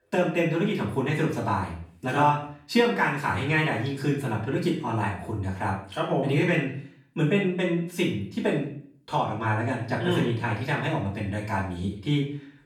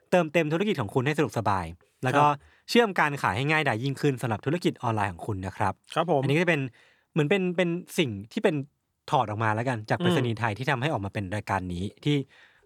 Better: second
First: off-mic speech; far // room echo; noticeable; dies away in 0.5 s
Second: none

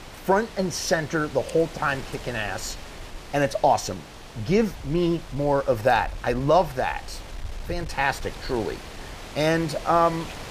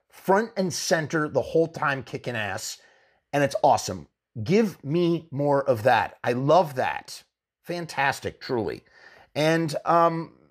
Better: second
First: wind noise on the microphone; occasional gusts; 15 dB below the speech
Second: none

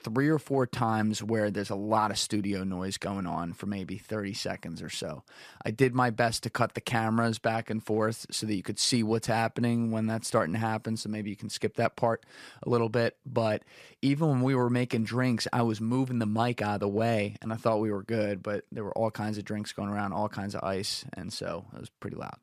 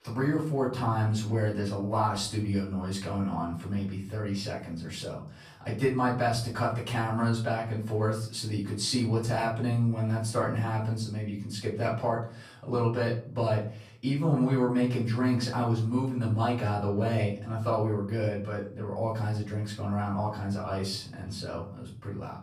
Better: first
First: none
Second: off-mic speech; far // room echo; slight; dies away in 0.5 s

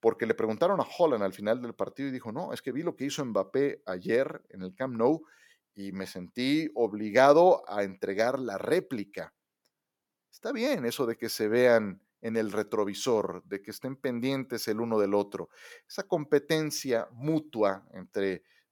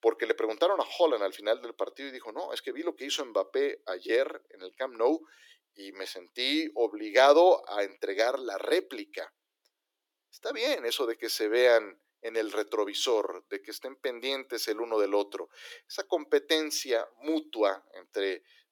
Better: first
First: none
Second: thin; somewhat; fading below 300 Hz

